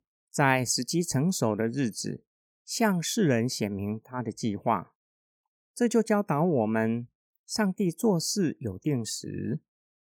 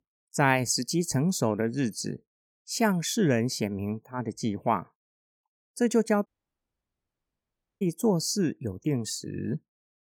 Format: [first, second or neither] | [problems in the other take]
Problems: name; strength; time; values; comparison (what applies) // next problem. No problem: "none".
first | audio cutting out; at 6.5 s for 1.5 s